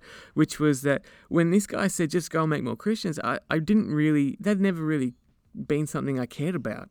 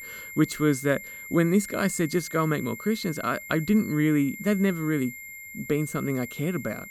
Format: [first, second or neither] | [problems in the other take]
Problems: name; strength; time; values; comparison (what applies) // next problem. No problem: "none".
first | high-pitched whine; noticeable; throughout; 2 kHz, 10 dB below the speech